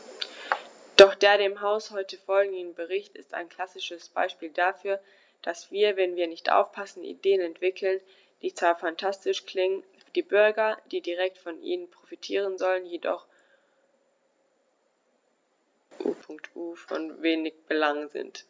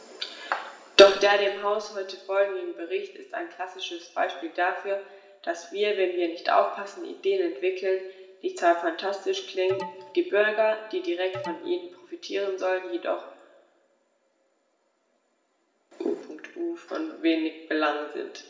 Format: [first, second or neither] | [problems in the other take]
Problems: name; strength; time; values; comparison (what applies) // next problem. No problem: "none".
first | background sound (Alarm); 13 dB below the speech // room echo; dies away in 1.1 s